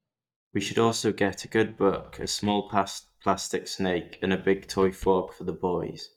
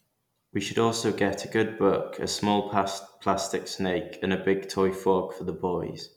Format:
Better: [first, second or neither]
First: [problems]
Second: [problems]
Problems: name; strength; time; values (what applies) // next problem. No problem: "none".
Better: second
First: noise reduction (neural mask model DeepFilterNet 3)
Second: none